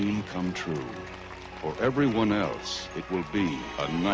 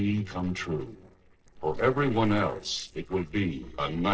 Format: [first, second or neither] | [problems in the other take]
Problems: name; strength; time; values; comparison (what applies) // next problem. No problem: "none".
first | noise reduction (neural separator model SepFormer DNS4)